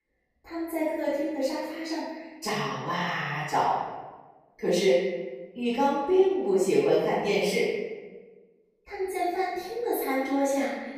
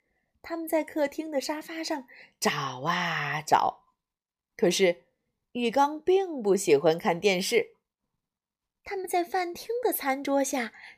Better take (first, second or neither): second